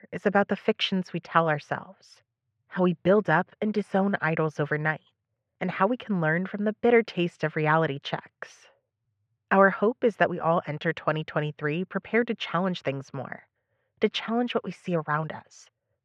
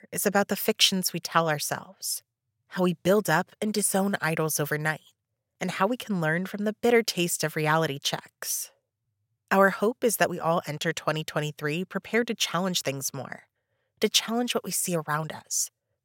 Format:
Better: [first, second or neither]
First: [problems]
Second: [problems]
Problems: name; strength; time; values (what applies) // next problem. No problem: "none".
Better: second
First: muffled; very; fading above 2.5 kHz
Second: none